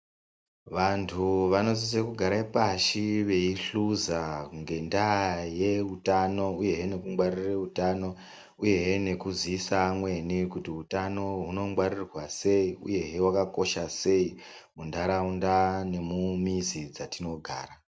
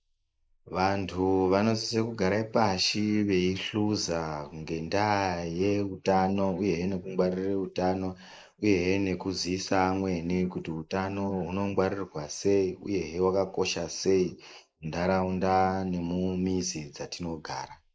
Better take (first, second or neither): first